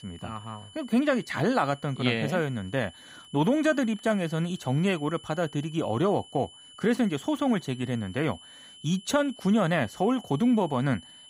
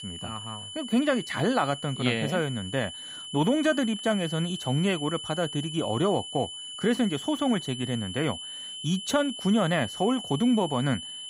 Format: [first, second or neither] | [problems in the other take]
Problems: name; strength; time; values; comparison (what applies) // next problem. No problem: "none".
first | high-pitched whine; loud; throughout; 3 kHz, 9 dB below the speech; faint in the first